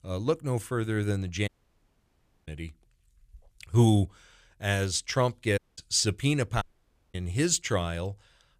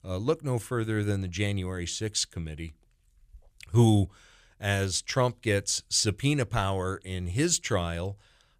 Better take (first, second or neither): second